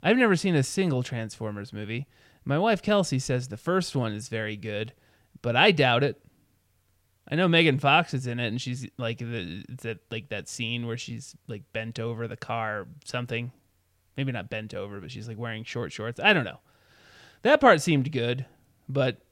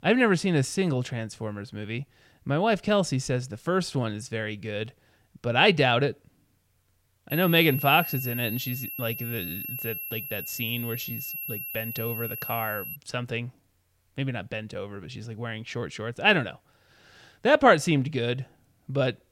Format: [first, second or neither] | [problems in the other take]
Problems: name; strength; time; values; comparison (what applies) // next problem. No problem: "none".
first | high-pitched whine; loud; from 7.5 to 13 s; 11.5 kHz, 7 dB below the speech